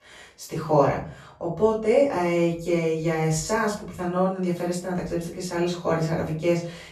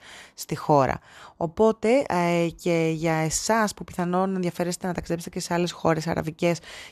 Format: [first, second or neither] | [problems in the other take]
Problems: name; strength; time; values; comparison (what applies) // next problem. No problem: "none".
second | off-mic speech; far // room echo; slight; dies away in 0.4 s